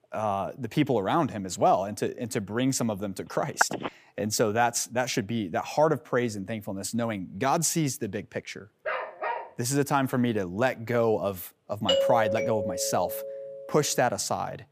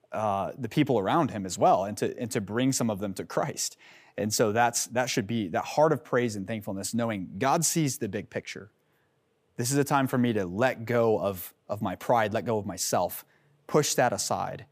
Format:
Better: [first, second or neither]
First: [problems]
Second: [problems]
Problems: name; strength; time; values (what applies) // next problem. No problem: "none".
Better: second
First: phone ringing; loud; at 3.5 s; peak level with the speech // dog barking; noticeable; at 9 s; peak 4 dB below the speech // doorbell; loud; from 12 to 14 s; peak 4 dB above the speech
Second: none